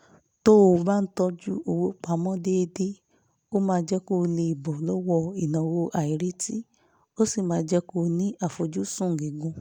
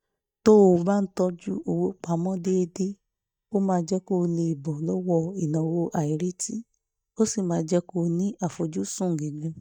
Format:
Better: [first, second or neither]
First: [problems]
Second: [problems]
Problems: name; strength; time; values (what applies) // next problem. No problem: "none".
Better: first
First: none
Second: noise reduction (neural mask model DeepFilterNet 3)